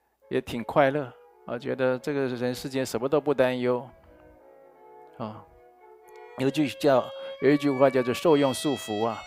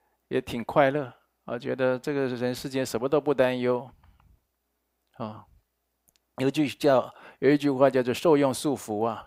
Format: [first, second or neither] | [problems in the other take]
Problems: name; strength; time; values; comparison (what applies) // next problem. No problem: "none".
second | background music; noticeable; throughout; 15 dB below the speech